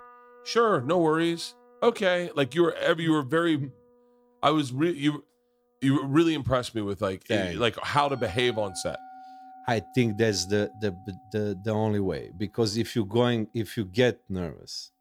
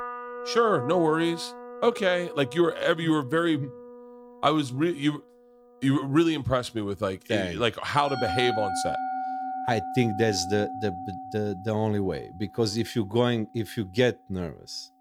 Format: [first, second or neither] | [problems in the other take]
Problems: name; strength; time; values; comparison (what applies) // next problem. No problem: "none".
first | background music; loud; throughout; 8 dB below the speech; faint in the first